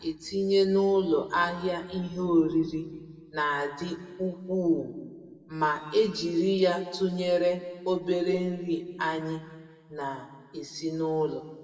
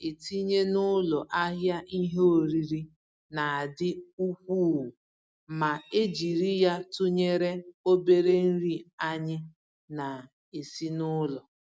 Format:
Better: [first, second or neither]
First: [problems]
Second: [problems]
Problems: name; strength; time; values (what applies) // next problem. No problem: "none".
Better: second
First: room echo; dies away in 1.5 s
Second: none